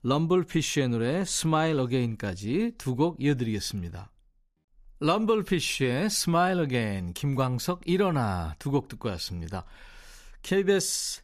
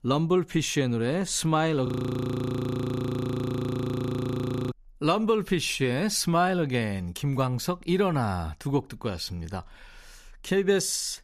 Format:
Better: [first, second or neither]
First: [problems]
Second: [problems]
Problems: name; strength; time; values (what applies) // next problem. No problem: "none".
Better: first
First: none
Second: audio freezing; at 2 s for 3 s